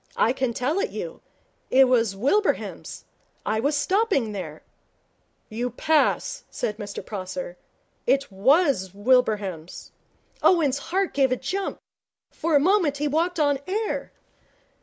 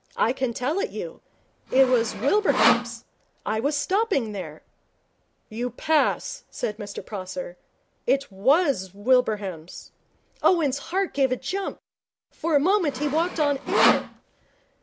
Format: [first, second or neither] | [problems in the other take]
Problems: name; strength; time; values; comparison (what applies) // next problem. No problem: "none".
first | background sound (Sawing); 2 dB below the speech